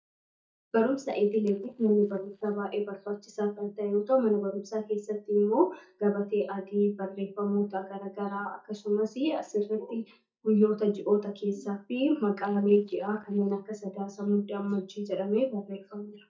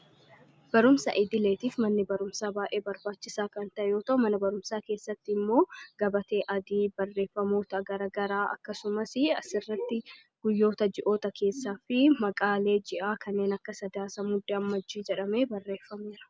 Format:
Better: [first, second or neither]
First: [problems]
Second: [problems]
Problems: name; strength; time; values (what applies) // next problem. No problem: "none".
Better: second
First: noise reduction (neural mask model DeepFilterNet 3)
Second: none